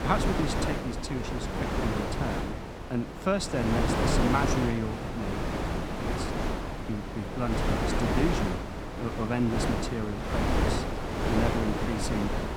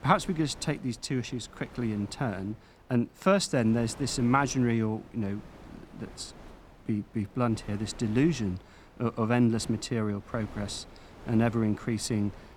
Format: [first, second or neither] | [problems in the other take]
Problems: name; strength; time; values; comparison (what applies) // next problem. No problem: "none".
second | wind noise on the microphone; heavy; 3 dB above the speech; occasional gusts in the second